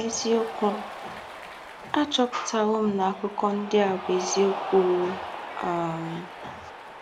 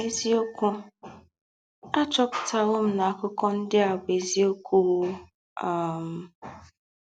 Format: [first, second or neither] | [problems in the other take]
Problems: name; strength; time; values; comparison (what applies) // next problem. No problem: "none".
second | background sound (Cheering); 10 dB below the speech